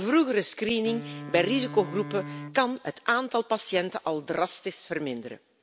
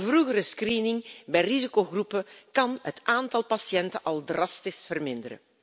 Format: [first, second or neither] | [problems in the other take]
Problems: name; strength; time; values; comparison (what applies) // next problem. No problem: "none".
second | background sound (Wind instrument, woodwind instrument); 12 dB below the speech